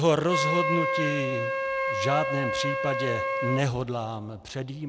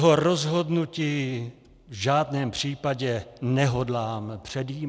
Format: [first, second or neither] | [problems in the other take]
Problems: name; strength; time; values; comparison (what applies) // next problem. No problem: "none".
second | background sound (Wind instrument, woodwind instrument); 1 dB below the speech